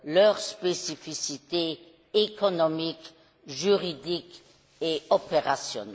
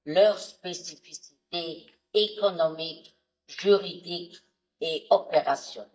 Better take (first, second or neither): first